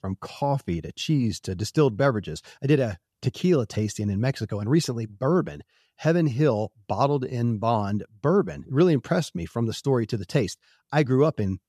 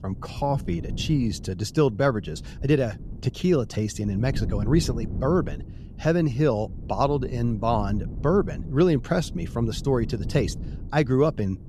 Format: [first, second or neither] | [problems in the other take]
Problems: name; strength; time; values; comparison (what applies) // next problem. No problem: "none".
first | wind noise on the microphone; occasional gusts; 20 dB below the speech